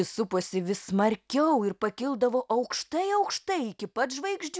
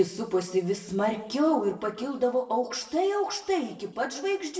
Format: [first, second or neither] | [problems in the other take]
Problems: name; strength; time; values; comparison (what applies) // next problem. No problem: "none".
first | room echo; dies away in 0.8 s